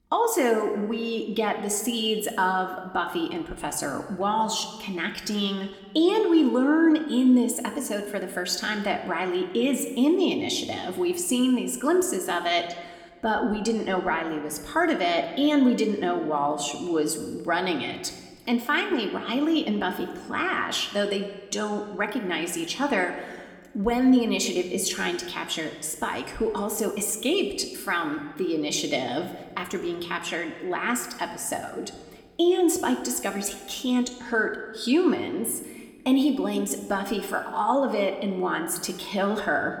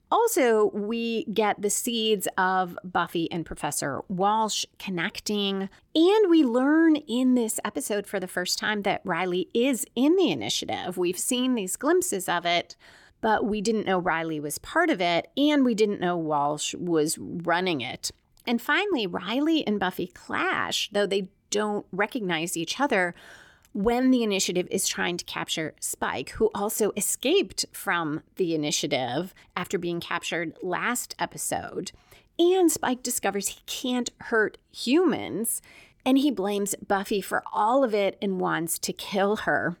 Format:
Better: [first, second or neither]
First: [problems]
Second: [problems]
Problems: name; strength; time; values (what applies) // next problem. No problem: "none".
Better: second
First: room echo; slight; dies away in 1.1 s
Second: none